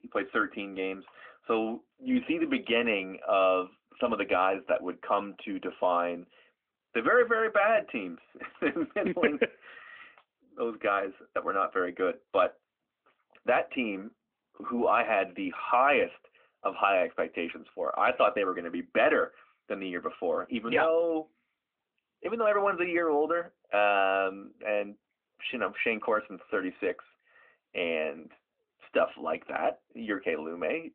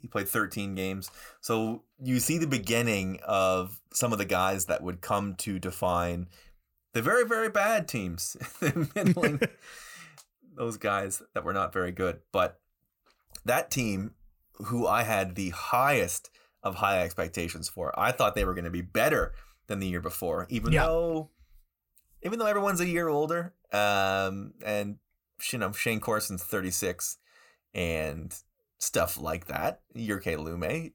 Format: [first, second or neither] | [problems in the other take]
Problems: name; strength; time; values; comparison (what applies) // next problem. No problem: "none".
second | phone-call audio